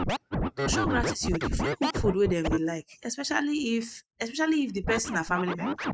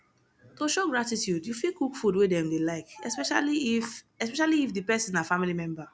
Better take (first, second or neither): second